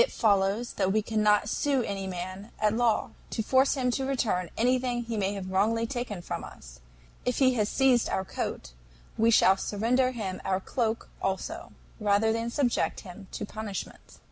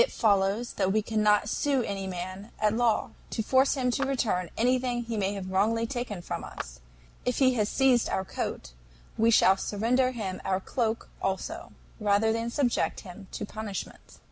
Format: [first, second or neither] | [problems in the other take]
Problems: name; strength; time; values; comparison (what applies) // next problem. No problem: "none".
first | background sound (Clapping); 17 dB below the speech